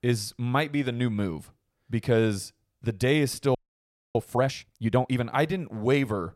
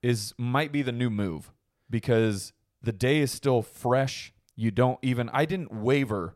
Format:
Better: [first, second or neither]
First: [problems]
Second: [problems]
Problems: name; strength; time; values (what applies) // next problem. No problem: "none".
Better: second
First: audio freezing; at 3.5 s for 0.5 s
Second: none